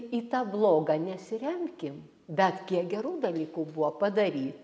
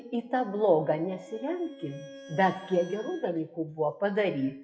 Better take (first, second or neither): first